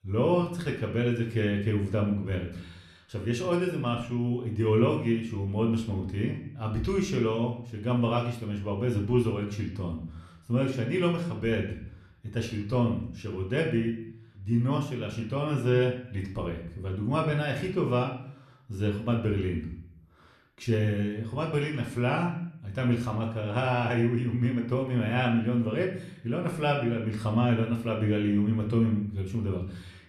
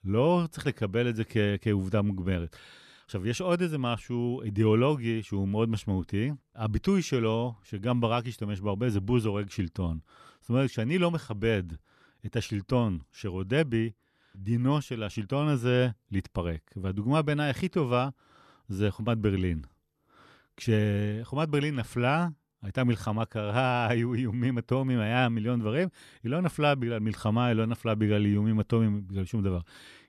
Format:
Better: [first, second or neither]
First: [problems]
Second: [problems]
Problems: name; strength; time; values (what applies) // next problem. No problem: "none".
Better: second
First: room echo; slight; dies away in 0.5 s // off-mic speech; somewhat distant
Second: none